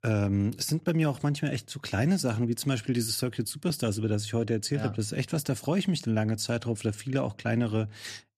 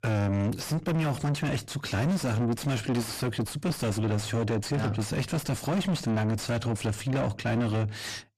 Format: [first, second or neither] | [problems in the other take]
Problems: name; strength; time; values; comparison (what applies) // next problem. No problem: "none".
first | distortion; heavy; 6 dB below the speech